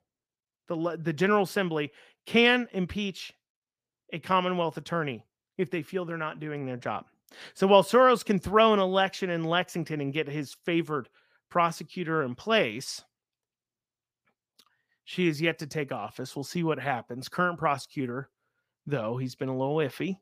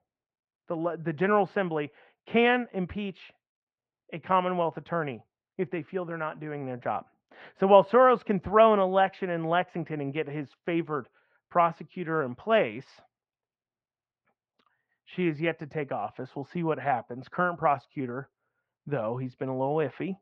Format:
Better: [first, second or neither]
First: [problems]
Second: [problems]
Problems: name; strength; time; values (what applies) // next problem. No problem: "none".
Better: first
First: none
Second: muffled; very; fading above 2.5 kHz